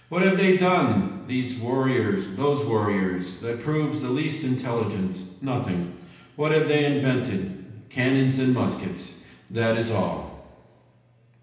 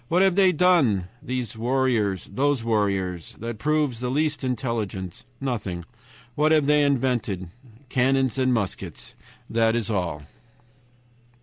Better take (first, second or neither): second